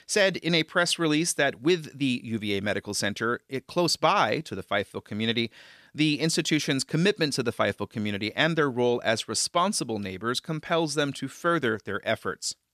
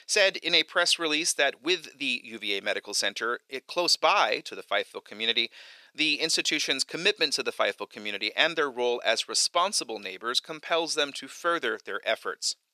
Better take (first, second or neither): first